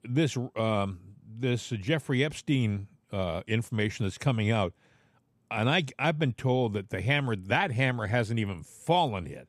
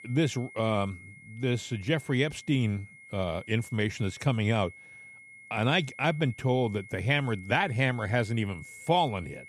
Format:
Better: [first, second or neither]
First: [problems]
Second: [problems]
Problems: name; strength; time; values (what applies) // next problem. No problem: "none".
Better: first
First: none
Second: high-pitched whine; noticeable; throughout; 2 kHz, 20 dB below the speech